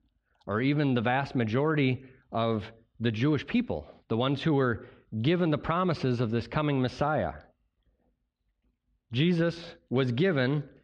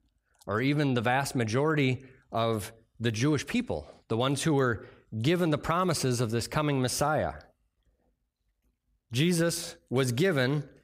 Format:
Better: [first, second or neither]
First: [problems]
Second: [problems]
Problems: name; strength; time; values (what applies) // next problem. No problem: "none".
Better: second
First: muffled; slightly; fading above 3.5 kHz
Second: none